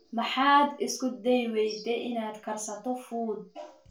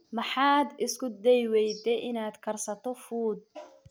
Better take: second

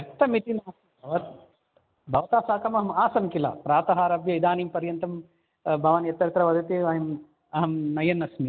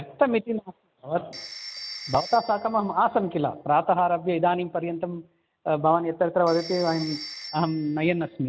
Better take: first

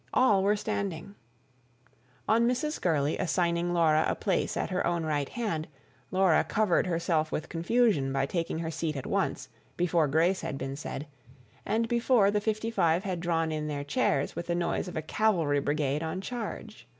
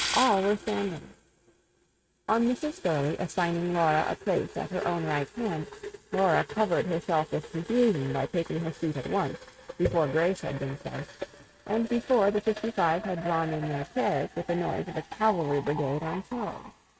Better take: first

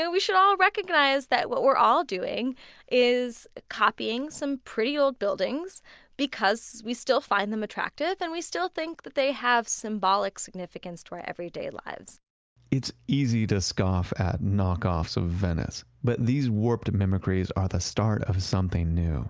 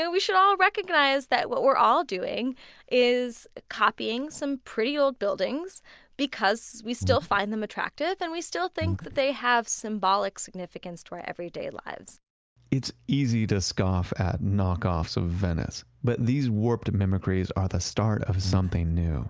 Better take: first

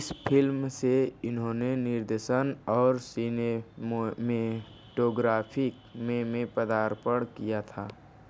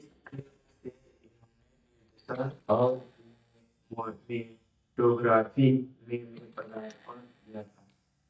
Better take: first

